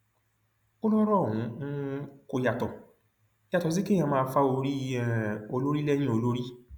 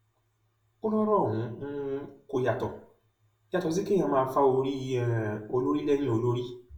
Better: first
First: none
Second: room echo; dies away in 0.2 s

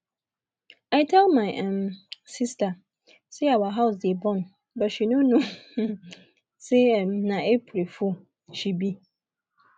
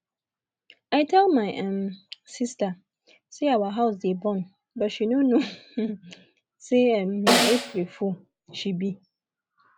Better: first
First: none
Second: background sound (Snare drum); 1 dB above the speech

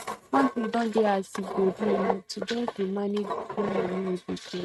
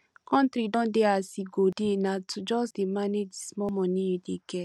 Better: second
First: noise reduction (neural mask model RNNoise)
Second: none

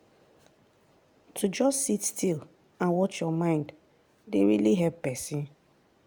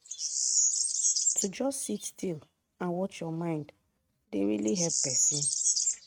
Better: first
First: none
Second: noise reduction (neural mask model RNNoise)

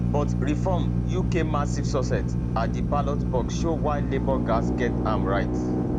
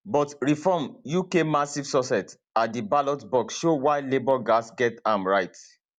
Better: second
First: background sound (Drill); 5 dB above the speech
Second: none

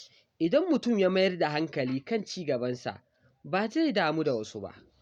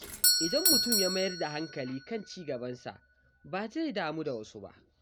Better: first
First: none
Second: background sound (Doorbell); 2 dB above the speech

